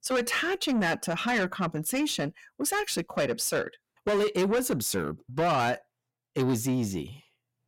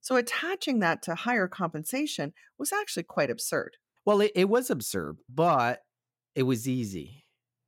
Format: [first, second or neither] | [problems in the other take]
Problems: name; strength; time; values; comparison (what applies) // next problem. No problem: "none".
second | distortion; heavy; 8 dB below the speech